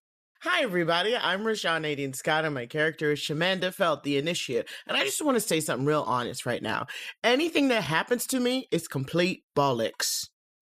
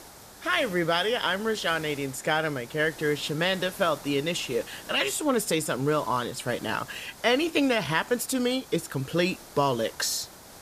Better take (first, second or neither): first